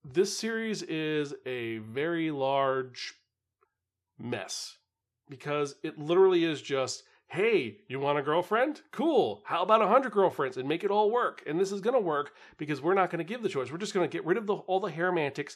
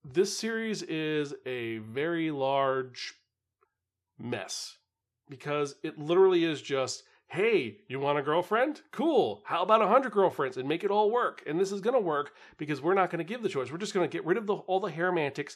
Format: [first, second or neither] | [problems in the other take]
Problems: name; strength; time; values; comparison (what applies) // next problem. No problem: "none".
neither | none